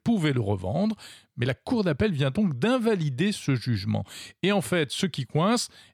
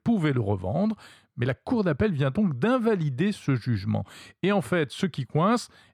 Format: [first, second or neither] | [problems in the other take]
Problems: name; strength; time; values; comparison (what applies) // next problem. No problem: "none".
first | muffled; slightly; fading above 2.5 kHz